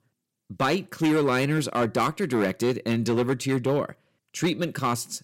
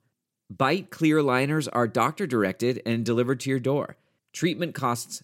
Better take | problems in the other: second | distortion; slight; 7% of the sound clipped

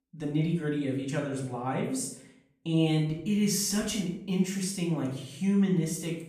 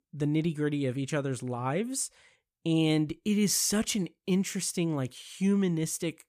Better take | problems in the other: second | off-mic speech; far // room echo; noticeable; dies away in 0.5 s

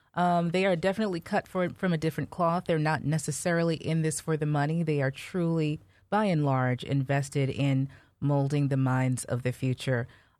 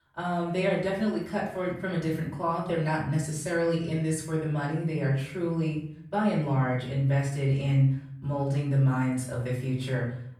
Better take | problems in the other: first | off-mic speech; far // room echo; noticeable; dies away in 0.6 s

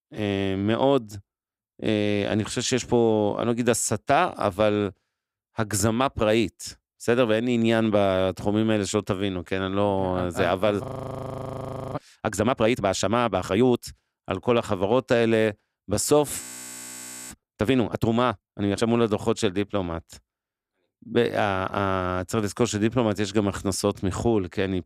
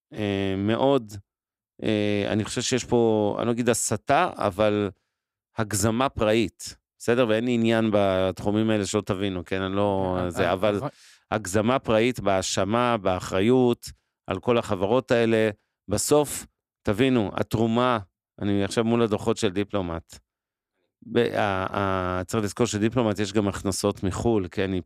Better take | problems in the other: second | audio freezing; at 11 s for 1 s and at 16 s for 1 s

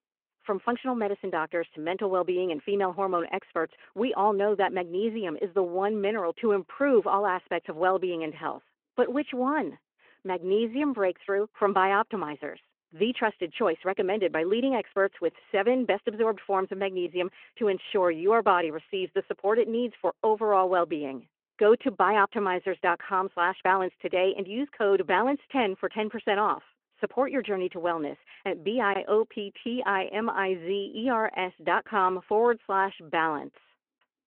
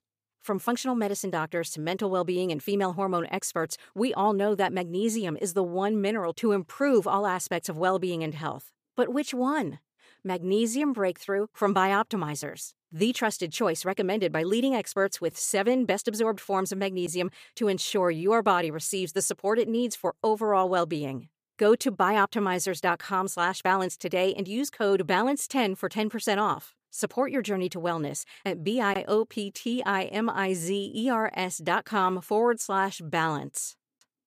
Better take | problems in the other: second | phone-call audio

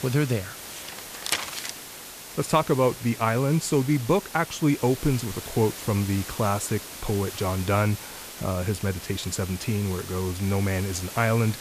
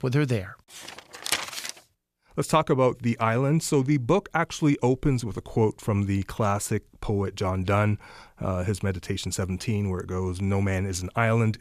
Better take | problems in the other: second | hiss; noticeable; throughout; 10 dB below the speech

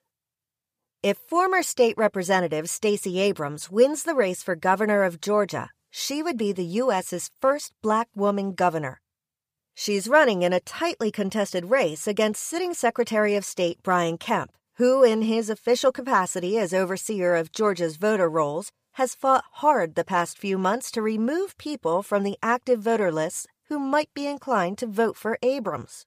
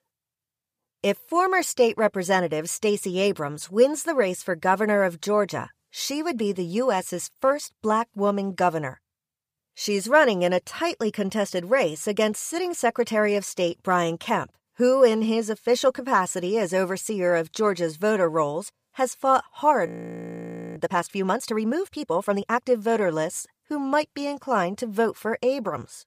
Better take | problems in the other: first | audio freezing; at 20 s for 1 s

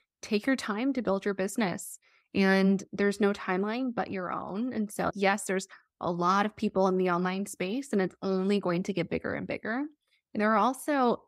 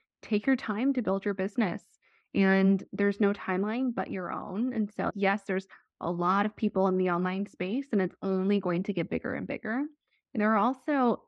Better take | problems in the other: first | muffled; slightly; fading above 2.5 kHz

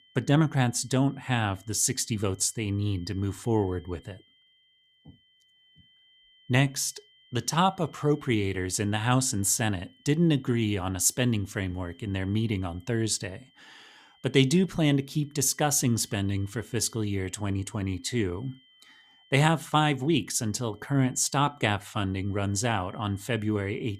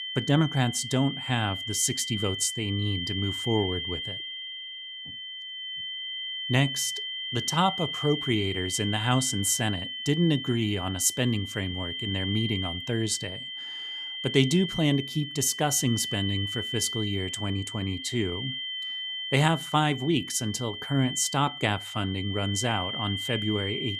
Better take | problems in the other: first | high-pitched whine; loud; throughout; 3 kHz, 5 dB below the speech; faint in the first

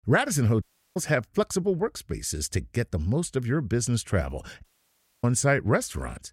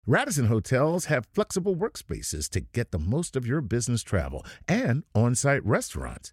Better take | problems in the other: second | audio cutting out; at 0.5 s and at 4.5 s for 0.5 s

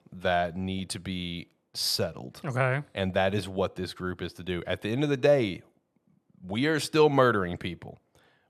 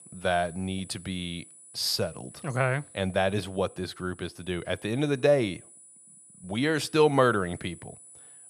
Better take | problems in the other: first | high-pitched whine; faint; throughout; 10 kHz, 20 dB below the speech

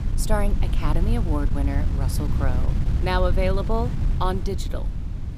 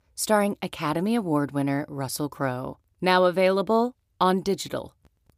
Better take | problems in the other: second | wind noise on the microphone; heavy; 10 dB below the speech

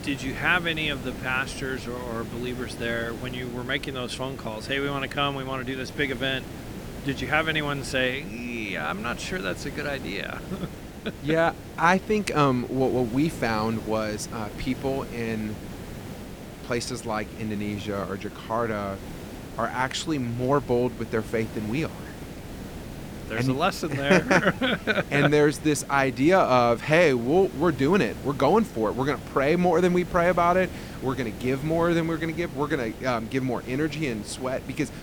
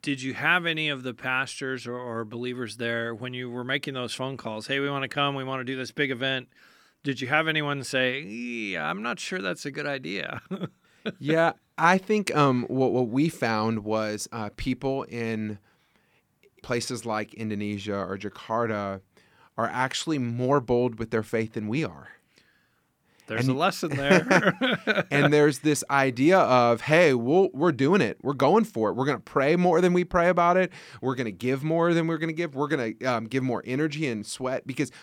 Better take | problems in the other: second | hiss; noticeable; throughout; 15 dB below the speech

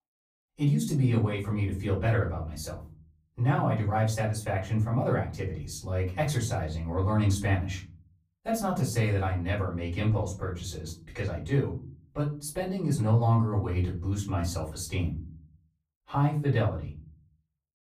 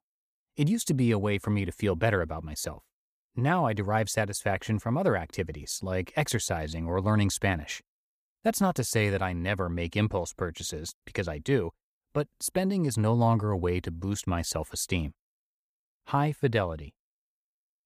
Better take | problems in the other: second | off-mic speech; far // room echo; slight; dies away in 0.6 s

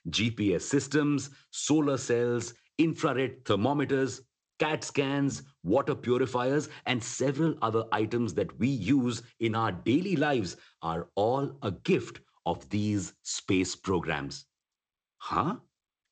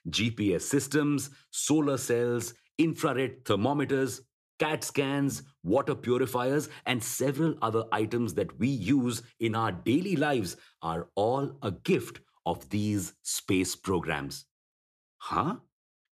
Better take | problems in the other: second | garbled, watery; slightly; nothing above 8 kHz

